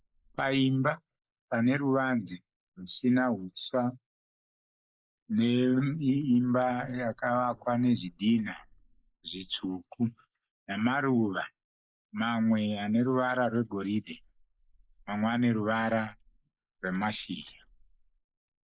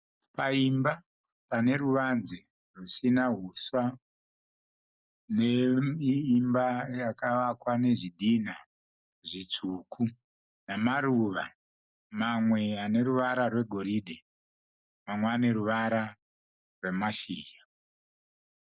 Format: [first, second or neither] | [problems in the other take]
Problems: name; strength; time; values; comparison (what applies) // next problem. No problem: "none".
second | noise reduction (neural mask model Resemble Enhance denoiser)